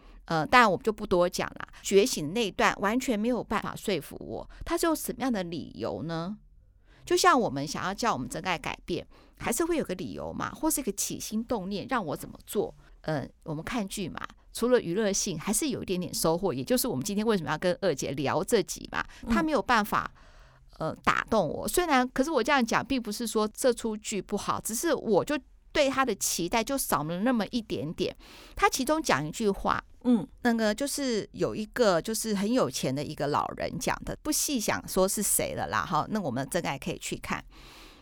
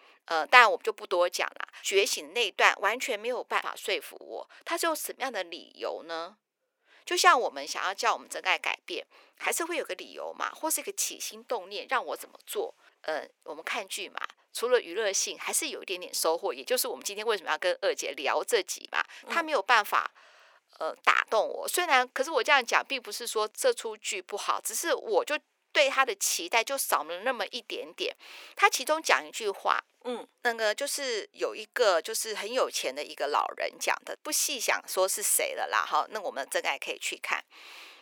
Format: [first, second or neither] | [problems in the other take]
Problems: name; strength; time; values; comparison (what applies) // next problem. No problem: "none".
first | thin; very; fading below 450 Hz